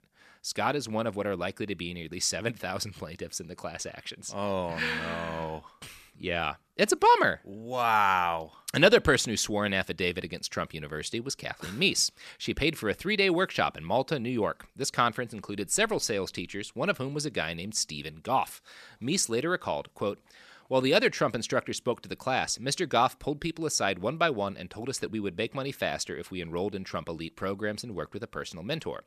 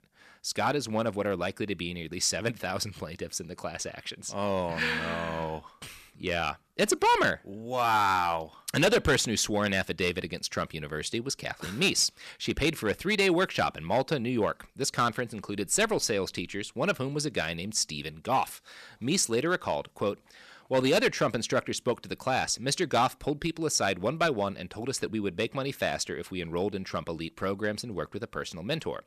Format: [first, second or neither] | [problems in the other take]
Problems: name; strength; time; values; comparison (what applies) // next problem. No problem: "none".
first | distortion; slight; 2% of the sound clipped